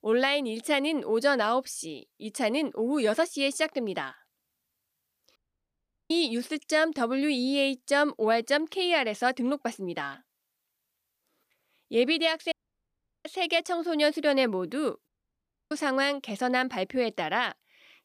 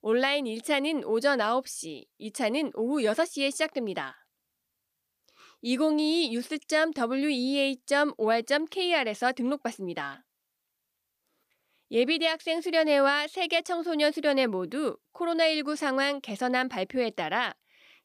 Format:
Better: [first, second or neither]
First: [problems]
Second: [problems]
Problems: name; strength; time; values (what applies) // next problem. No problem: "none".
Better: second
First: audio cutting out; at 5.5 s for 0.5 s, at 13 s for 0.5 s and at 15 s for 0.5 s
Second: none